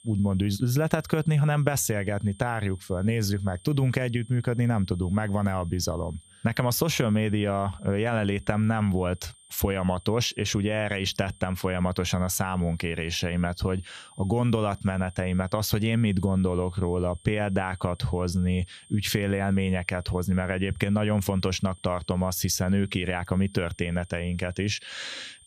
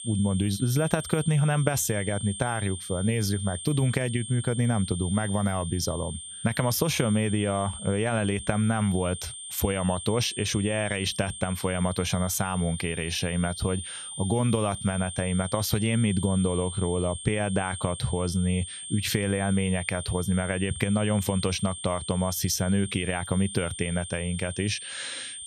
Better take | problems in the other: first | high-pitched whine; loud; throughout; 8.5 kHz, 9 dB below the speech; faint in the first

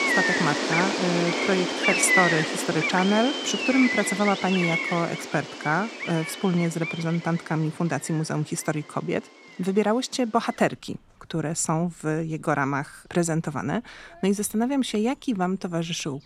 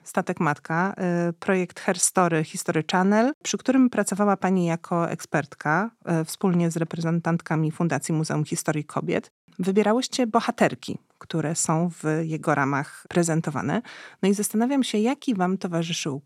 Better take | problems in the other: second | animal sounds; very loud; throughout; as loud as the speech

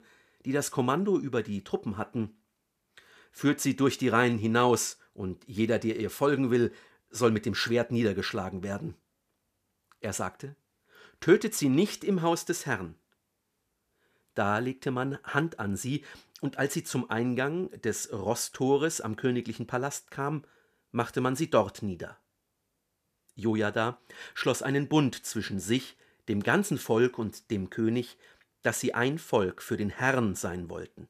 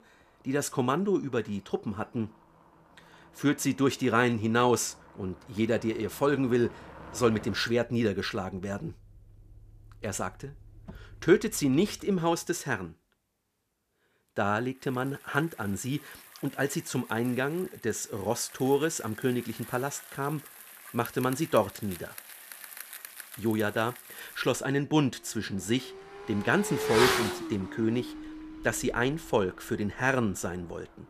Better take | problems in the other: first | traffic noise; loud; throughout; 10 dB below the speech

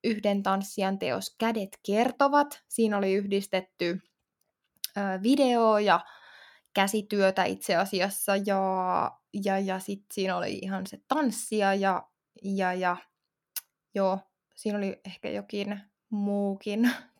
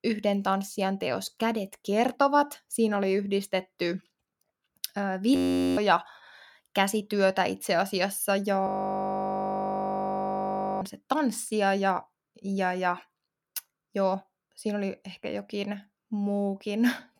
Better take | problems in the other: first | audio freezing; at 5.5 s and at 8.5 s for 2 s

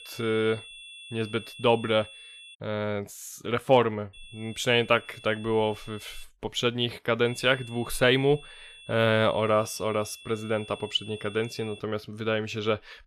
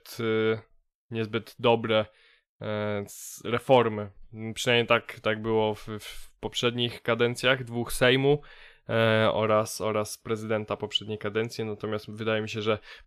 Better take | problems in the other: second | high-pitched whine; noticeable; until 2.5 s, from 4 to 6 s and from 7.5 to 12 s; 3.5 kHz, 20 dB below the speech

